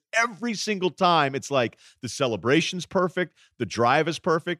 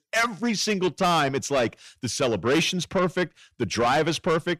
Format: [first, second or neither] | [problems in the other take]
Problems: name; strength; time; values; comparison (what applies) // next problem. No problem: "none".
first | distortion; heavy; 7 dB below the speech